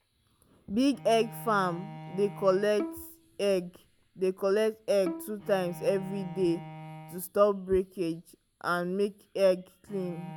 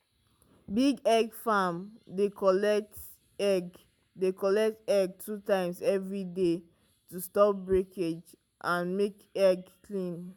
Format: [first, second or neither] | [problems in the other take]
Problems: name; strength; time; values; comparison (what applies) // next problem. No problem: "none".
second | background sound (Bowed string instrument + Bowed string instrument); 15 dB below the speech